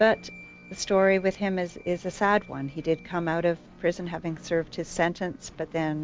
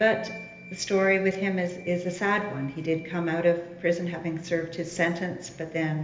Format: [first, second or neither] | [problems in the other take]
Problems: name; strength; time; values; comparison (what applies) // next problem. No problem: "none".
first | room echo; dies away in 1.4 s